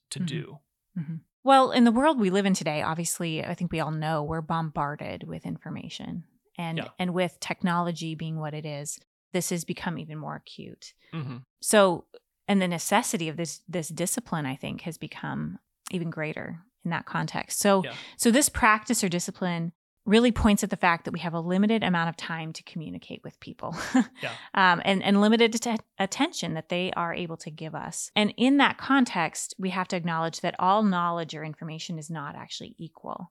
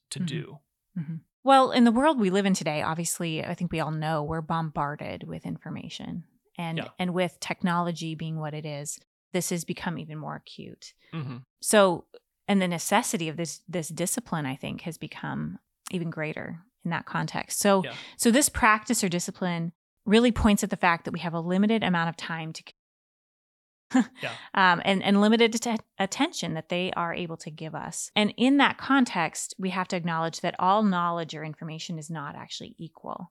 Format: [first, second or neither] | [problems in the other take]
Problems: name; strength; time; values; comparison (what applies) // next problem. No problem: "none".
first | audio cutting out; at 23 s for 1 s